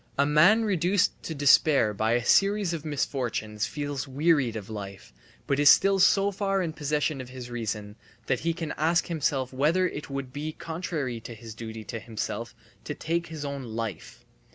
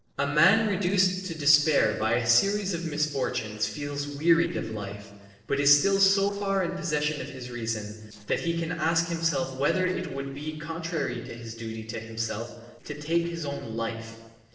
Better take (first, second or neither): first